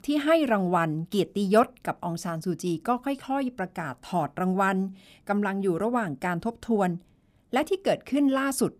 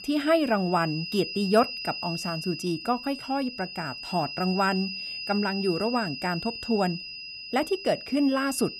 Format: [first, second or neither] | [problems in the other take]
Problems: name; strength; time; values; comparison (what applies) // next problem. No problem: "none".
first | high-pitched whine; loud; throughout; 5 kHz, 7 dB below the speech